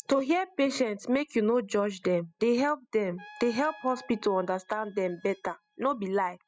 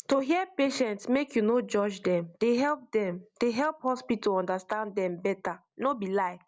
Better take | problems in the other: second | noise reduction (classical method spectral subtraction)

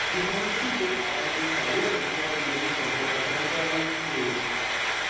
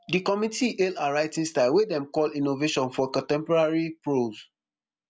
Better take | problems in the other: second | background sound (Frying (food)); 5 dB above the speech // room echo; dies away in 1.3 s

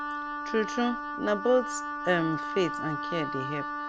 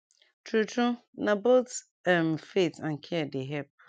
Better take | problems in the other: second | background sound (Wind instrument, woodwind instrument); 4 dB below the speech

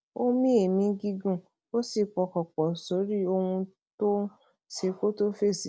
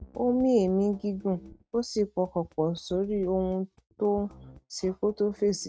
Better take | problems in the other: first | noise reduction (neural mask model RNNoise)

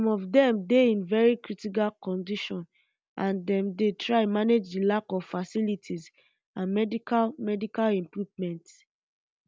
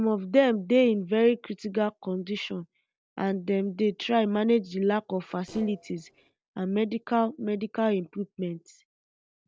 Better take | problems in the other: first | noise reduction (neural separator model SepFormer DNS4)

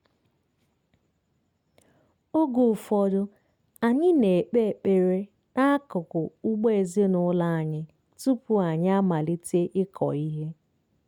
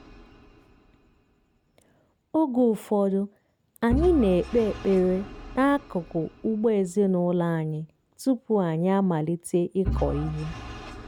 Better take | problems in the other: first | background sound (Engine / Vehicle); 12 dB below the speech

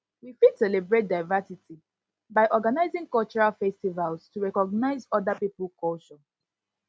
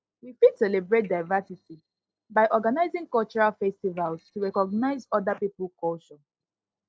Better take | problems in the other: first | noise reduction (neural separator model SepFormer DNS4)

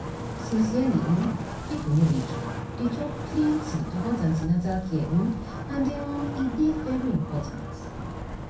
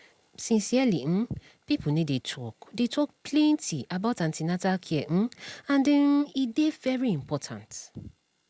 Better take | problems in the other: second | background sound (Wind); 7 dB below the speech // room echo; dies away in 0.5 s

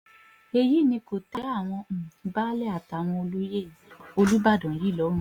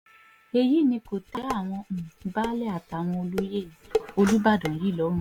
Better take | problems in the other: first | background sound (Dishes, pots, and pans); 10 dB below the speech

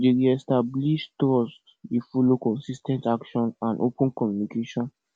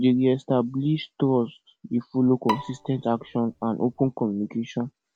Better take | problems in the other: first | background sound (Bowed string instrument); 11 dB below the speech

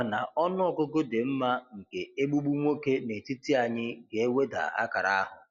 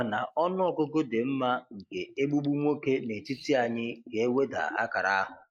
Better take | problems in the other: first | noise reduction (neural mask model Resemble Enhance denoiser)

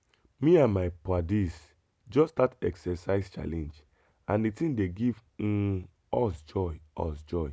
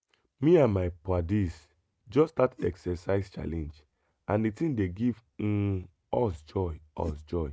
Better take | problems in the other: first | noise reduction (neural mask model RNNoise)

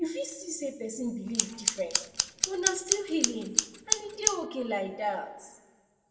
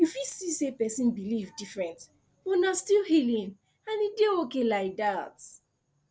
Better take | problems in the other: second | background sound (Scissors); 4 dB above the speech // room echo; dies away in 1 s

